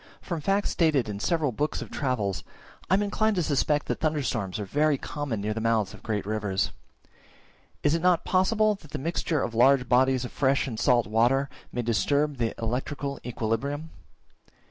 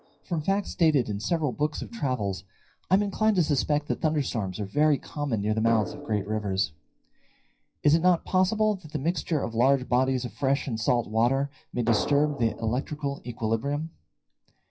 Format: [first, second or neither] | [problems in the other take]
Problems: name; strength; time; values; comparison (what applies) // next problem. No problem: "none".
first | noise reduction (classical method WPE with log-MMSE)